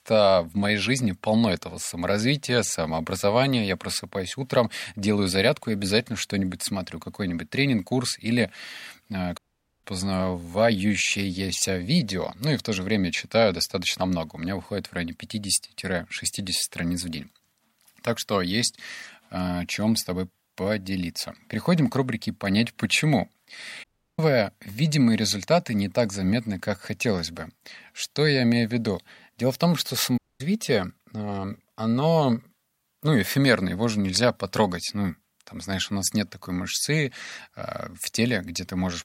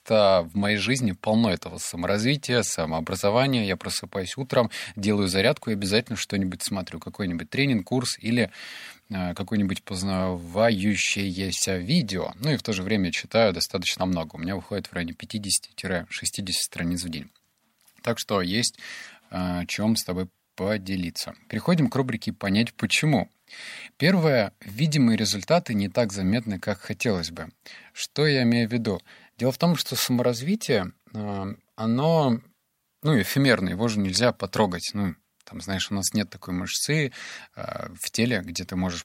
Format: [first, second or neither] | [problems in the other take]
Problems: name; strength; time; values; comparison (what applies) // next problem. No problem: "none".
second | audio cutting out; at 9.5 s, at 24 s and at 30 s